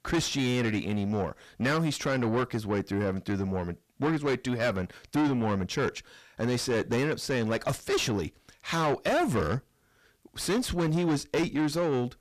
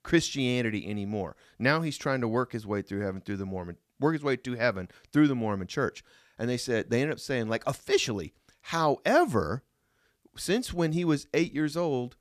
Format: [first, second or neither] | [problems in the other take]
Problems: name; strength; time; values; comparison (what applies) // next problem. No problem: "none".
second | distortion; heavy; 6 dB below the speech